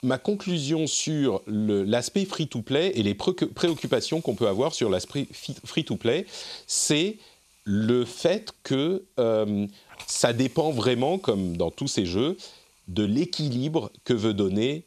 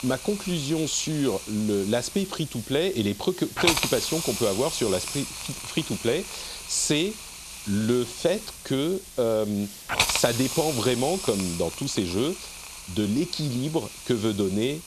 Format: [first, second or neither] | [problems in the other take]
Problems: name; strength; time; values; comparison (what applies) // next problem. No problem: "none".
first | hiss; loud; throughout; 5 dB below the speech; faint in the first